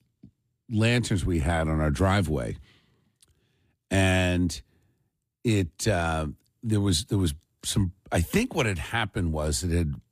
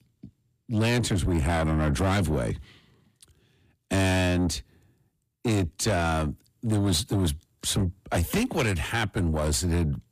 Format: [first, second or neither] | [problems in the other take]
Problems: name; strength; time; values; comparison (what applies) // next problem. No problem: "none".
first | distortion; slight; 10 dB below the speech